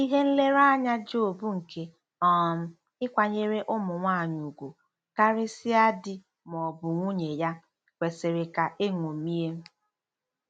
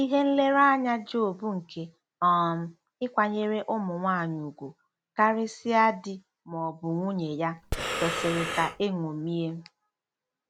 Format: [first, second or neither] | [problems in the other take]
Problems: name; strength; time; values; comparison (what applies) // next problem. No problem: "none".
first | background sound (Breathing); 4 dB below the speech